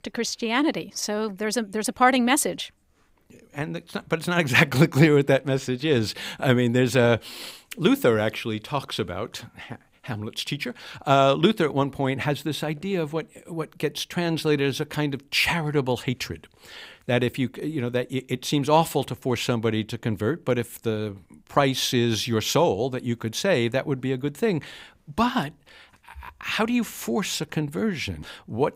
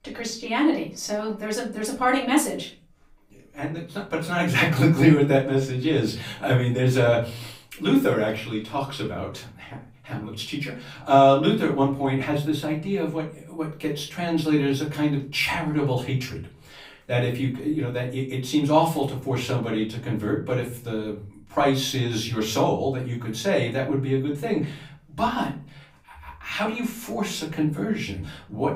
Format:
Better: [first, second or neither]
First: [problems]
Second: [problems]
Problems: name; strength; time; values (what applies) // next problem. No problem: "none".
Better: first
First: none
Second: off-mic speech; far // room echo; slight; dies away in 0.4 s